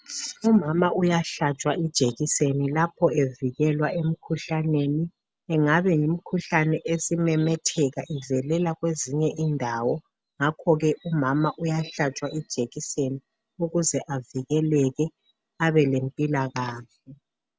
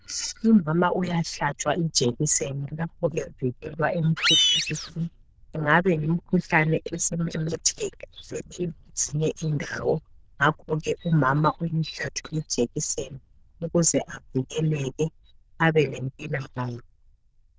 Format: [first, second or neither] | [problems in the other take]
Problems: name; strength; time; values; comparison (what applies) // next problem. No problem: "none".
first | noise reduction (neural diffusion model UNIVERSE++)